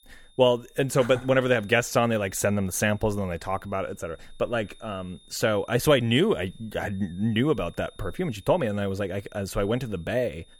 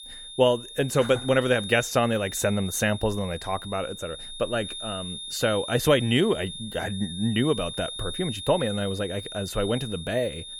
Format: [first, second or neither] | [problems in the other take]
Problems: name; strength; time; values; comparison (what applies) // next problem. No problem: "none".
first | high-pitched whine; loud; throughout; 3.5 kHz, 10 dB below the speech; faint in the first